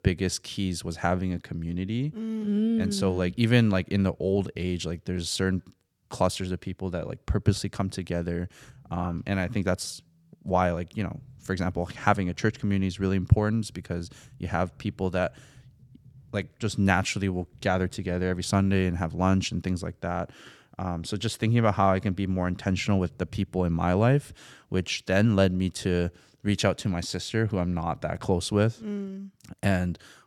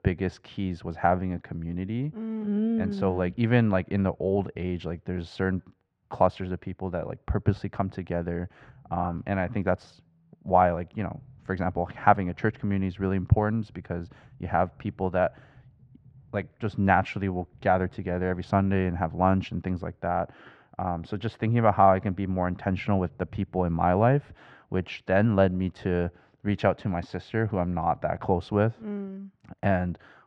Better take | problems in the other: first | muffled; very; fading above 2 kHz

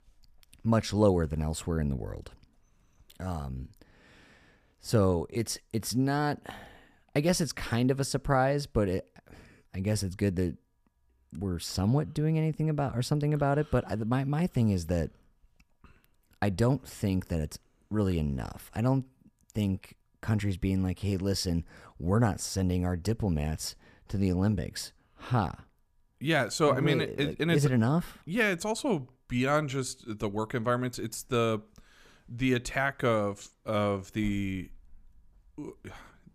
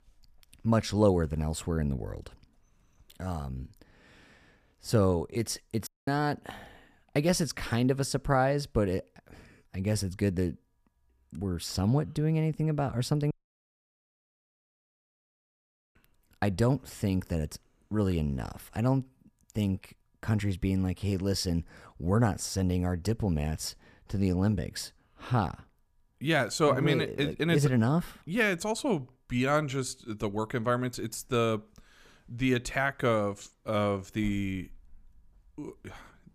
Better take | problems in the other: first | audio cutting out; at 6 s and at 13 s for 2.5 s

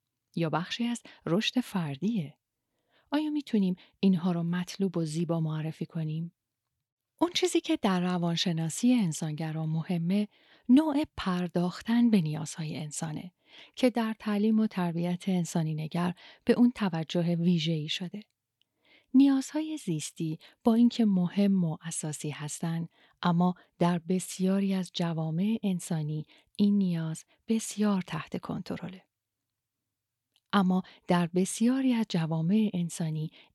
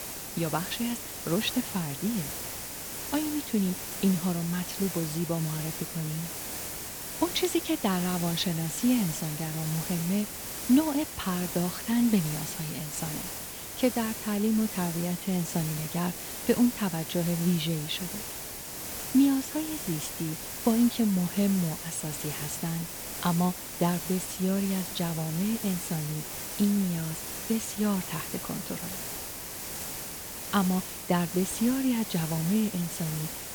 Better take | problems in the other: first | hiss; loud; throughout; 5 dB below the speech

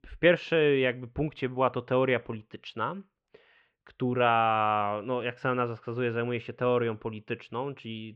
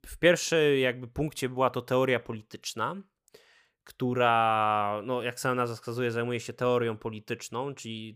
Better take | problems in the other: second | muffled; very; fading above 3 kHz

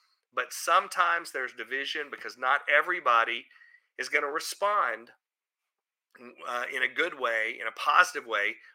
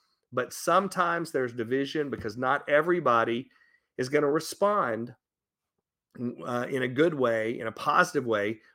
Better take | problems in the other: second | thin; very; fading below 800 Hz

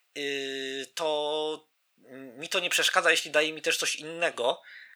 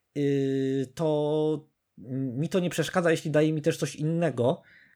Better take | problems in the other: second | thin; very; fading below 900 Hz

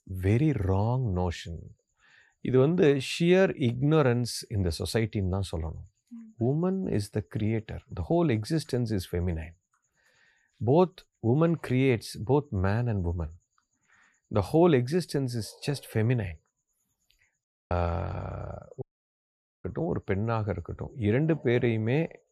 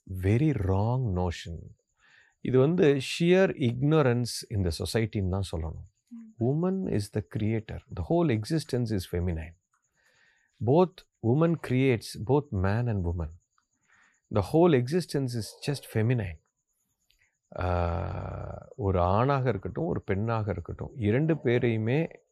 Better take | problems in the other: second | audio cutting out; at 17 s and at 19 s for 1 s

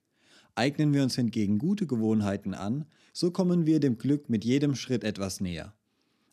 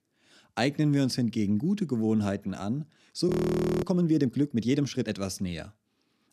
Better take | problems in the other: first | audio freezing; at 3.5 s for 0.5 s

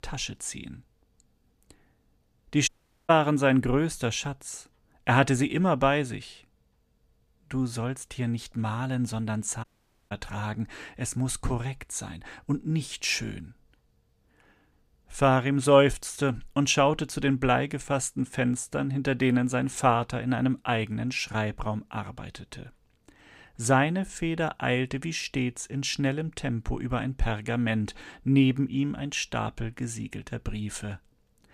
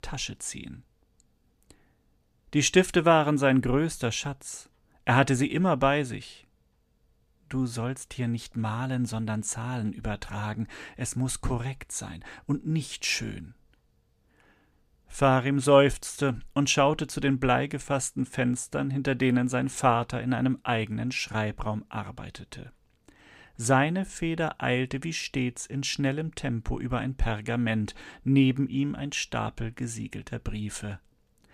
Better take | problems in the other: second | audio cutting out; at 2.5 s and at 9.5 s

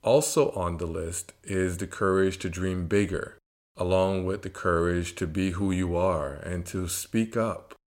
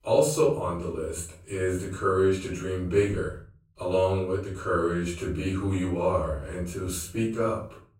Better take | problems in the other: first | off-mic speech; far // room echo; noticeable; dies away in 0.4 s

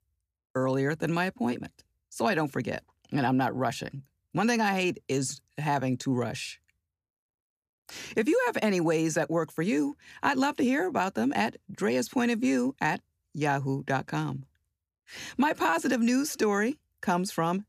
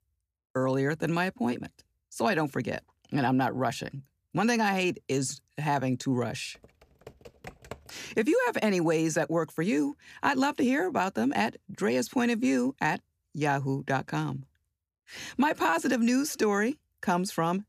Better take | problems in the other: first | keyboard typing; faint; from 6.5 to 8 s; peak 15 dB below the speech

